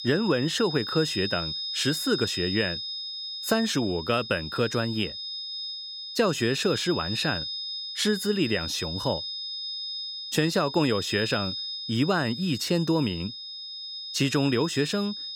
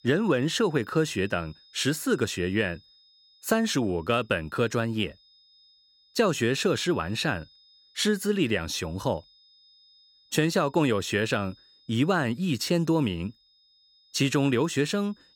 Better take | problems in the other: second | high-pitched whine; loud; throughout; 5 kHz, 5 dB below the speech; faint in the second

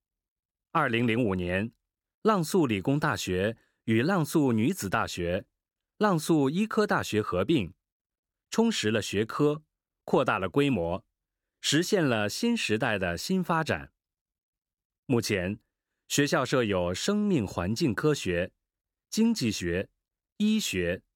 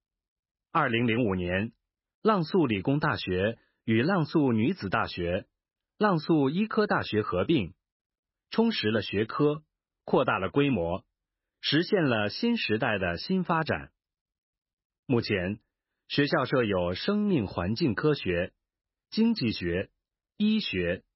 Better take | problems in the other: first | garbled, watery; badly; nothing above 5.5 kHz

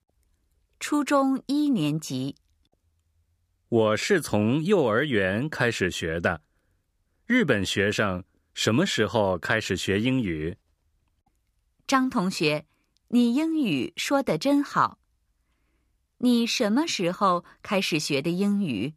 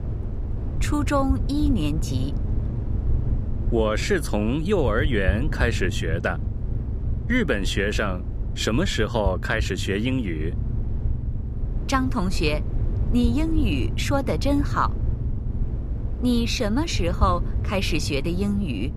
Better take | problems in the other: first | low rumble; noticeable; throughout; 15 dB below the speech

